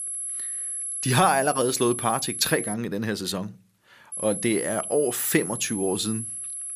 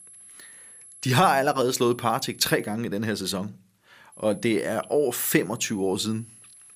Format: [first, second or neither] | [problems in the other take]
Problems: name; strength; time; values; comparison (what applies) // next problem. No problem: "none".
second | high-pitched whine; loud; until 2.5 s and from 4 s on; 11 kHz, 5 dB below the speech; faint in the second